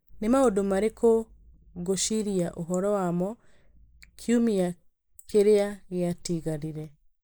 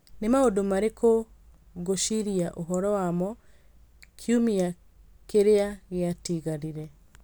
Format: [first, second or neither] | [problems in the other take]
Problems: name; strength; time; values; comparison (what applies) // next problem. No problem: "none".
second | noise reduction (neural mask model Resemble Enhance denoiser)